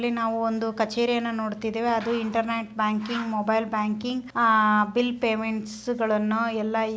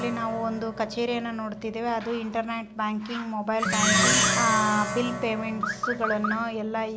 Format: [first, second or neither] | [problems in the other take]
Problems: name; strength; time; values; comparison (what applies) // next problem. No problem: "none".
first | background sound (Car + Plucked string instrument); 1 dB below the speech